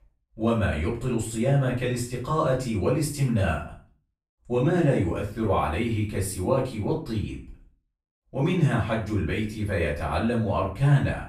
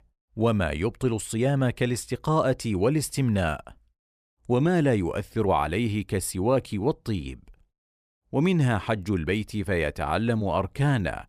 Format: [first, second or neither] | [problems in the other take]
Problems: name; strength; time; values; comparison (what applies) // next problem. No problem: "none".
second | off-mic speech; far // room echo; slight; dies away in 0.4 s